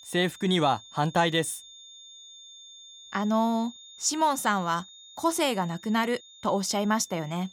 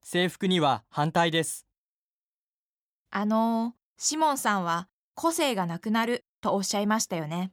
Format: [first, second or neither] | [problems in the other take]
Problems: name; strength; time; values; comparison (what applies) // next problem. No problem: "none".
second | high-pitched whine; noticeable; throughout; 3.5 kHz, 20 dB below the speech